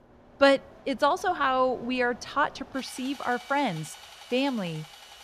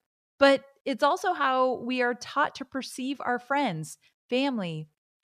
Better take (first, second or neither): second